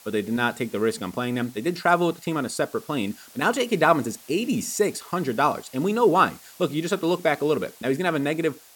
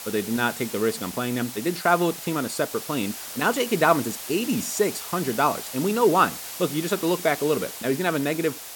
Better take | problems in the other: first | hiss; loud; throughout; 9 dB below the speech; faint in the first

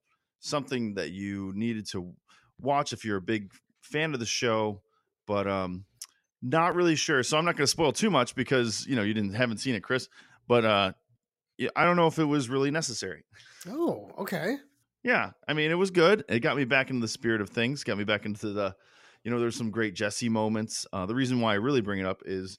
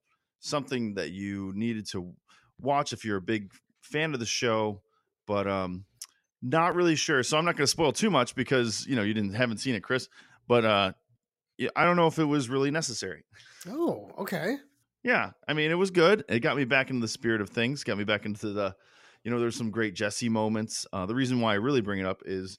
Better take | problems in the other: neither | none

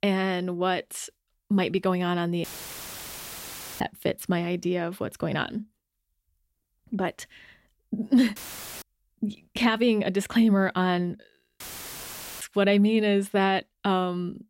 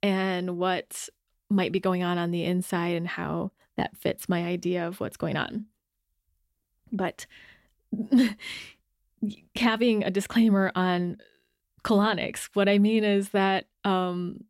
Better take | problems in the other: second | audio cutting out; filled with static; at 2.5 s for 1.5 s, at 8.5 s and at 12 s for 1 s

